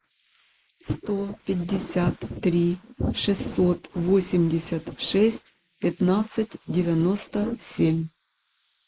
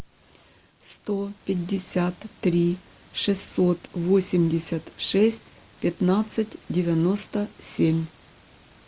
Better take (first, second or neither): second